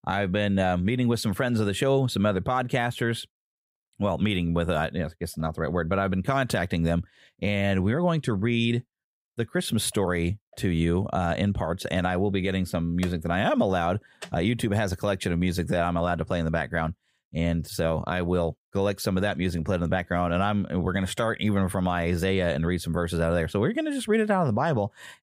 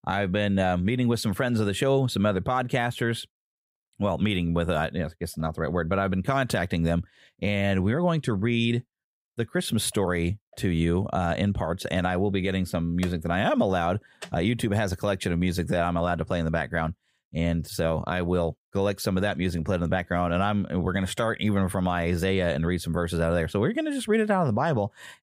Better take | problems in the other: neither | none

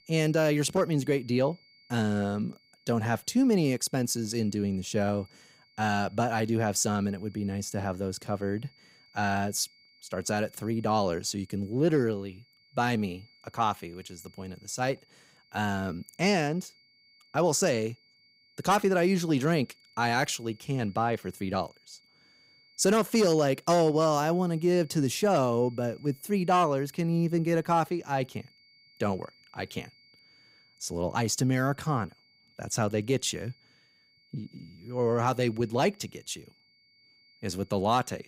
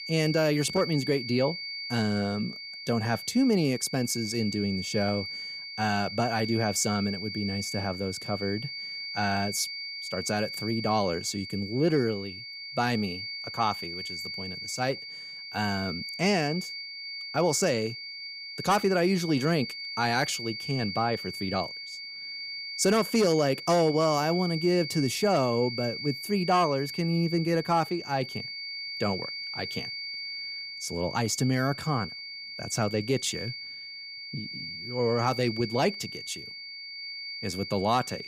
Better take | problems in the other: first | high-pitched whine; loud; throughout; 4.5 kHz, 7 dB below the speech; faint in the first

